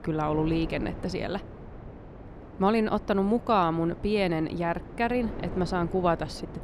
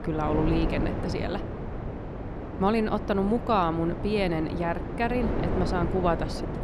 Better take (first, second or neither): first